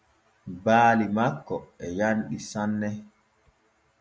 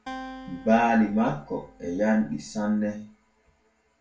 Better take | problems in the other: first | background sound (Acoustic guitar); 18 dB below the speech // room echo; dies away in 0.3 s

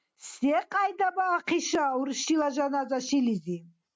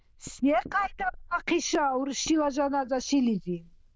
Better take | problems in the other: first | noise reduction (neural diffusion model UNIVERSE++)

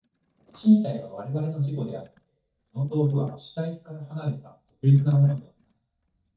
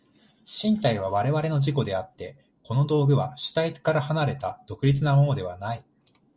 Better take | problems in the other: second | noise reduction (neural mask model DeepFilterNet 3)

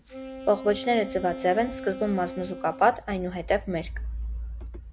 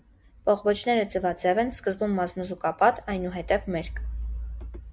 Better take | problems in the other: second | background sound (Wind instrument, woodwind instrument); 13 dB below the speech

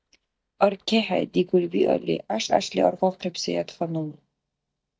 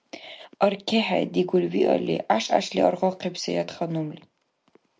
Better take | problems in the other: second | noise reduction (neural mask model DeepFilterNet 3)

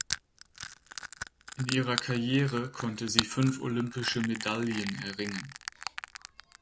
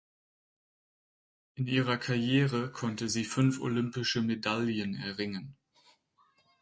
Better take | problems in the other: second | background sound (Crushing); 6 dB below the speech

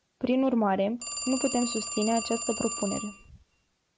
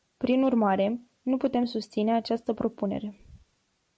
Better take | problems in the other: second | background sound (Telephone); 8 dB below the speech

